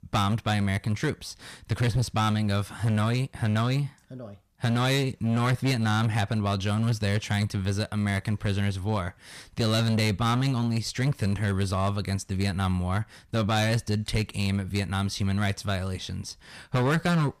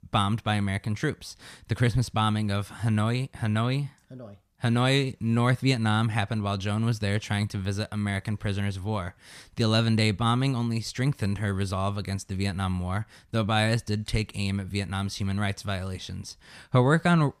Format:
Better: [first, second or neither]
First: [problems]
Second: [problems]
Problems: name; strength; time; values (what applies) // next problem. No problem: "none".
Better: second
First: distortion; slight; 12% of the sound clipped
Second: none